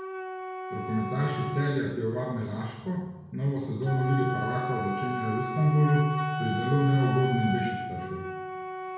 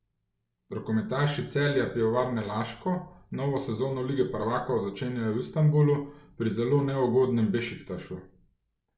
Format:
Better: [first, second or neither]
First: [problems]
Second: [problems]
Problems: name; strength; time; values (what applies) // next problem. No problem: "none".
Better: second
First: background sound (Wind instrument, woodwind instrument); 7 dB below the speech // room echo; dies away in 1 s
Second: none